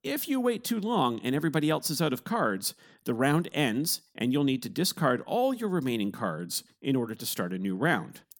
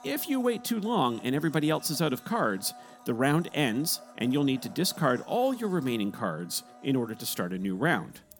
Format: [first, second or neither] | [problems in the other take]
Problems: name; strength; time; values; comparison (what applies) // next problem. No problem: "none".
first | household noises; faint; throughout; 20 dB below the speech